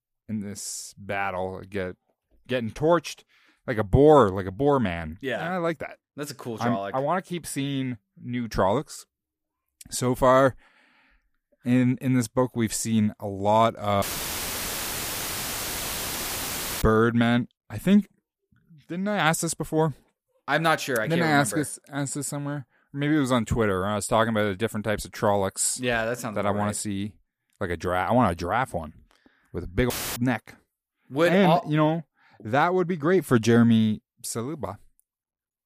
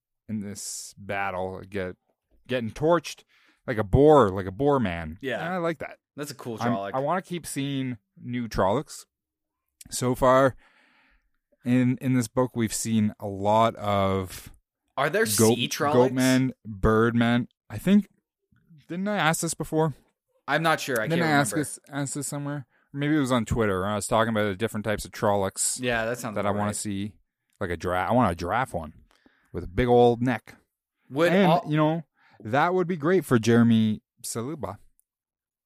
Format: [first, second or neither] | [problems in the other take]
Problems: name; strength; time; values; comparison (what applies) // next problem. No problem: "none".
second | audio cutting out; filled with static; at 14 s for 3 s and at 30 s